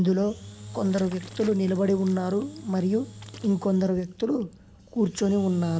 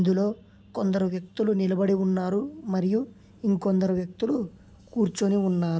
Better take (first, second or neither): second